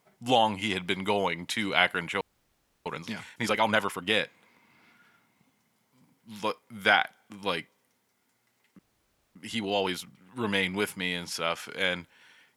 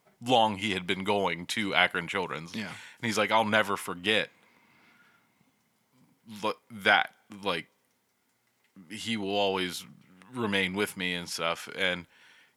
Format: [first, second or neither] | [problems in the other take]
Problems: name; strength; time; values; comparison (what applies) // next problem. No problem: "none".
second | audio freezing; at 2 s for 0.5 s and at 9 s for 0.5 s